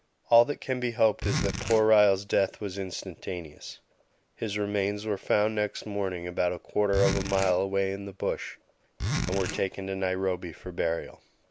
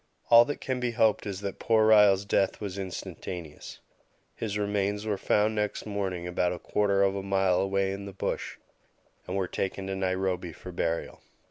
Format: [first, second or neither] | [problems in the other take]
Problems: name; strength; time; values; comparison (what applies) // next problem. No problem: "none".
second | background sound (Zipper (clothing)); 4 dB below the speech